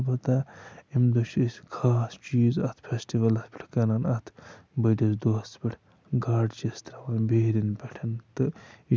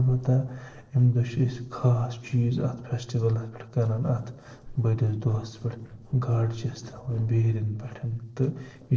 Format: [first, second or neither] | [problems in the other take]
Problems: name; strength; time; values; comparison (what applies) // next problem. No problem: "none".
first | noise reduction (neural separator model SepFormer DNS4)